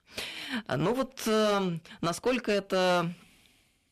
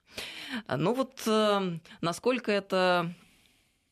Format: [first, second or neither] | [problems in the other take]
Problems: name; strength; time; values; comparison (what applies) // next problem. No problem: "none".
second | distortion; slight; 8% of the sound clipped